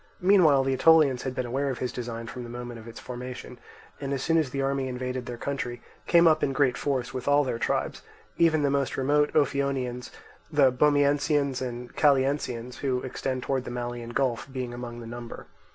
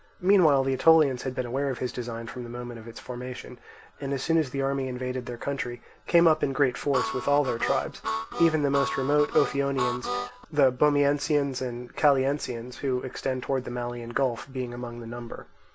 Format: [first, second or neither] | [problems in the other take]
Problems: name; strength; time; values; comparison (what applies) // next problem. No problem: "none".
first | background sound (Harmonica); 6 dB below the speech